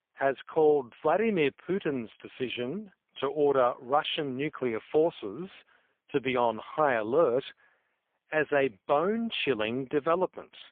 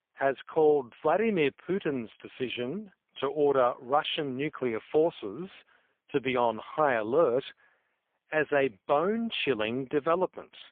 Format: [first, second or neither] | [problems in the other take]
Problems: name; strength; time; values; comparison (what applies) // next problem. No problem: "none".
neither | phone-call audio; poor line; nothing above 3.5 kHz; the same in both